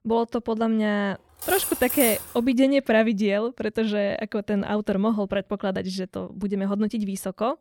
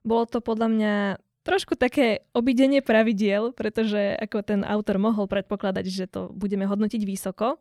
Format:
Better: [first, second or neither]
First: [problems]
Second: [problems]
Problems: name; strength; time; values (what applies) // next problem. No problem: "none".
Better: second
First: clattering dishes; loud; at 1.5 s; peak level with the speech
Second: none